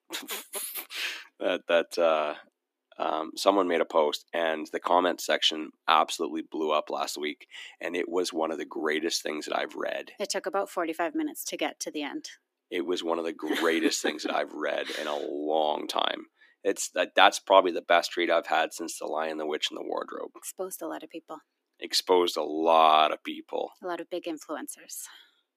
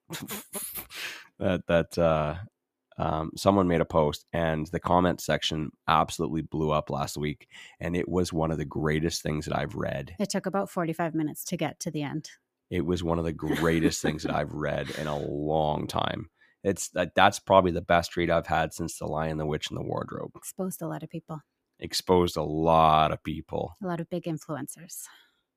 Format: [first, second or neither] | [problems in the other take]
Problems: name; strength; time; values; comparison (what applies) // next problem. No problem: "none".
second | thin; somewhat; fading below 300 Hz